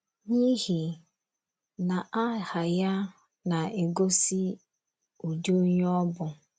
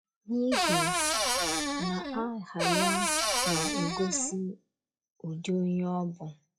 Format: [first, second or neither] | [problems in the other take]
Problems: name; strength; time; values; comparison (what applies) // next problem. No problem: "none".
first | noise reduction (classical method log-MMSE)